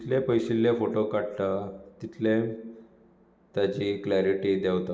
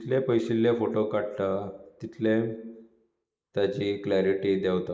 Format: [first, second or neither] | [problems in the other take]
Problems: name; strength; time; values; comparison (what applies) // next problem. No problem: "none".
first | noise reduction (neural mask model Resemble Enhance denoiser)